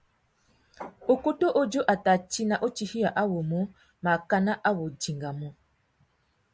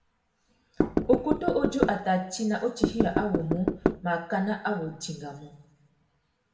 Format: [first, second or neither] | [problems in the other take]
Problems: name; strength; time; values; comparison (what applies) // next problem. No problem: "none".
first | background sound (Knock / Wood); 3 dB above the speech // room echo; dies away in 0.7 s